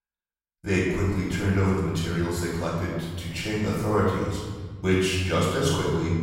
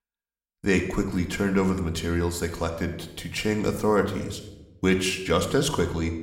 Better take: second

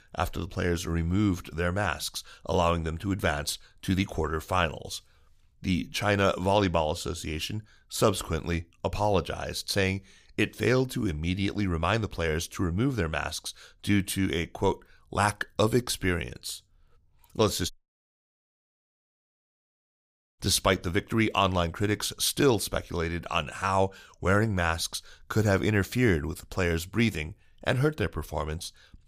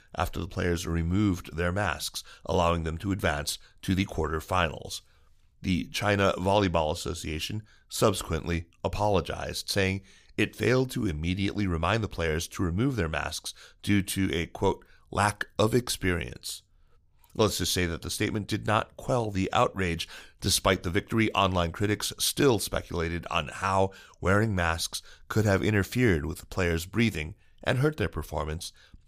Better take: second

